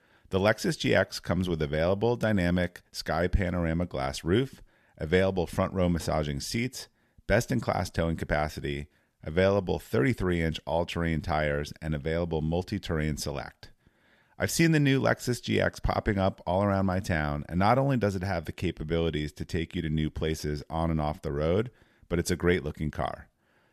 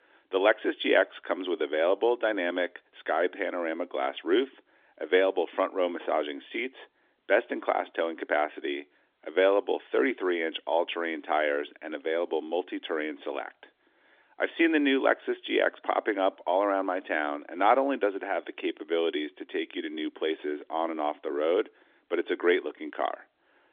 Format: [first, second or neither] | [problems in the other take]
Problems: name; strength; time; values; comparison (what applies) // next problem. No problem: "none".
first | phone-call audio; nothing above 3.5 kHz